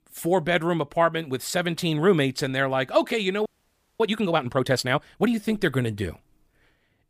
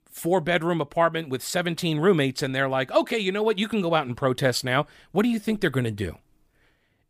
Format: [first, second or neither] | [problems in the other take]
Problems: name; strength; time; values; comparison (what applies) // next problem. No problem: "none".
second | audio freezing; at 3.5 s for 0.5 s